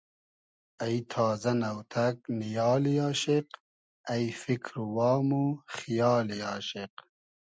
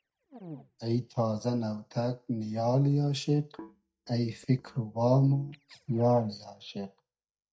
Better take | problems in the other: first | noise reduction (neural mask model DeepFilterNet 3)

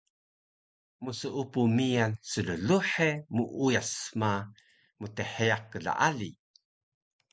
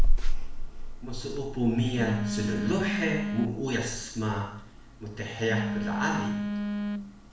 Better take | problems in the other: first | background sound (Telephone); 3 dB above the speech // room echo; dies away in 0.6 s

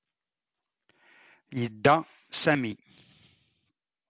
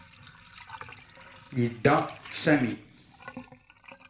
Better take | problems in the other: first | background sound (Sink (filling or washing) / Water); 17 dB below the speech // room echo; dies away in 0.4 s

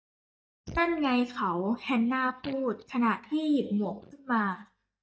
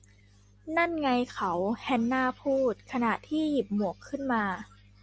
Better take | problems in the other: second | noise reduction (neural mask model DeepFilterNet 3)

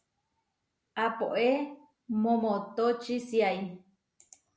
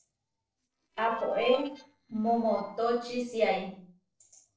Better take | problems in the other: first | noise reduction (neural separator model SepFormer DNS4)

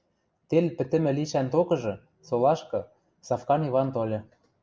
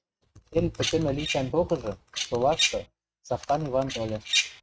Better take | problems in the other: first | noise reduction (neural mask model RNNoise)

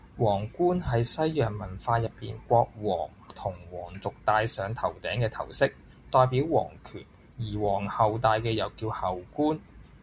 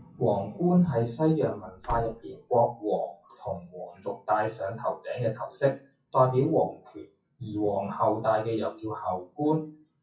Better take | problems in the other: first | noise reduction (classical method WPE with log-MMSE)

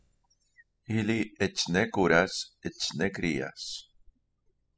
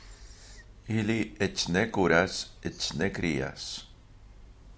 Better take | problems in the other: second | noise reduction (classical method spectral subtraction)

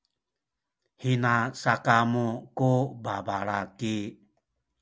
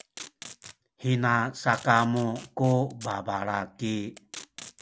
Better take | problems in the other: first | background sound (Packing tape, duct tape); 20 dB below the speech

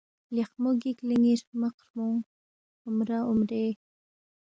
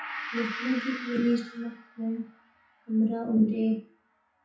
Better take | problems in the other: first | noise reduction (classical method WPE with log-MMSE)

